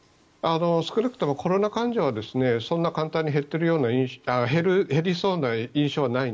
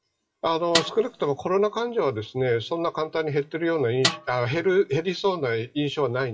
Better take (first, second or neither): first